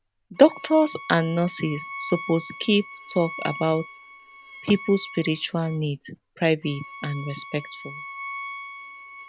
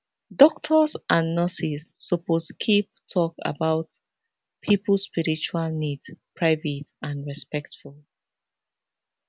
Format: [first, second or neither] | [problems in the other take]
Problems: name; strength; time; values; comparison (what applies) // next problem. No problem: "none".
second | background sound (Bowed string instrument); 14 dB below the speech